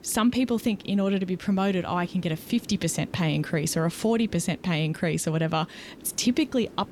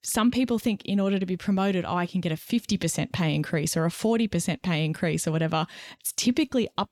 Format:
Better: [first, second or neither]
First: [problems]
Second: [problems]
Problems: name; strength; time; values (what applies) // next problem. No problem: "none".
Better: second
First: hiss; faint; throughout; 20 dB below the speech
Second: none